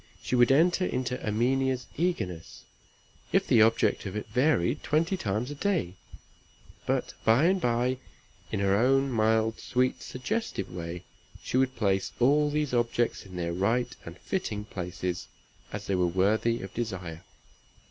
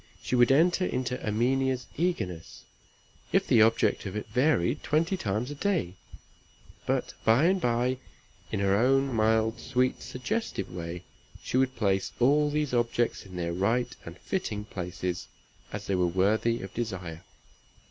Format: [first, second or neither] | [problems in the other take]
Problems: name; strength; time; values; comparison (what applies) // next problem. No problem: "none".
first | background sound (Explosion); 20 dB below the speech